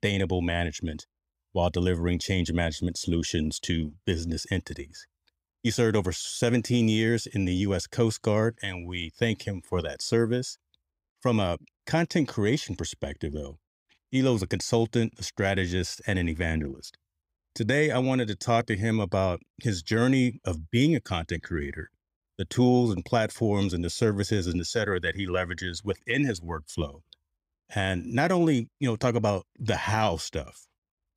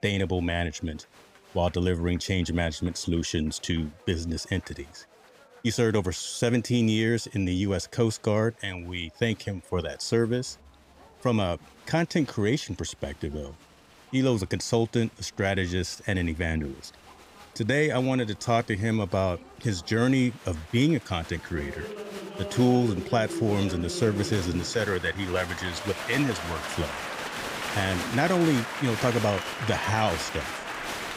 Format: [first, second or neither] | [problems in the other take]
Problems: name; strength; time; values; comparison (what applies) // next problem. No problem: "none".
first | crowd noise; loud; throughout; 7 dB below the speech